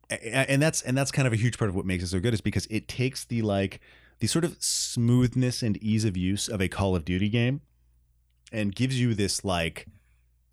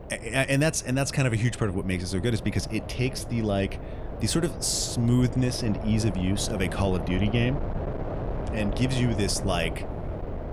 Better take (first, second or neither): first